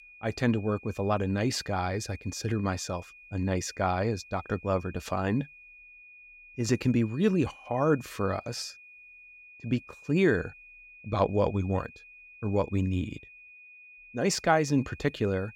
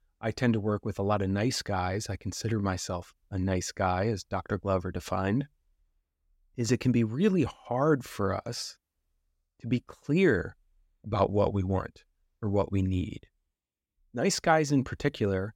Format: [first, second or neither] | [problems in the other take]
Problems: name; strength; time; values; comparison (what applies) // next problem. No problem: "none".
second | high-pitched whine; faint; throughout; 2.5 kHz, 20 dB below the speech